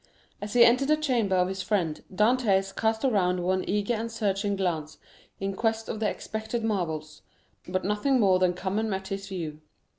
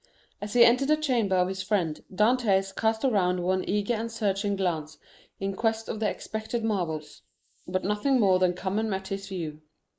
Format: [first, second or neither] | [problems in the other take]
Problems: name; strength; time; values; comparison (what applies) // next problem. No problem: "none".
first | noise reduction (neural mask model Resemble Enhance denoiser)